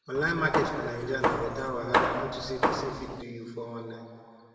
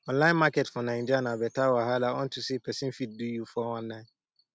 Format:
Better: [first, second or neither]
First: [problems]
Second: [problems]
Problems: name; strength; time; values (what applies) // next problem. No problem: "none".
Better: second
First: background sound (Hammer); 2 dB above the speech // room echo; dies away in 2.3 s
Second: none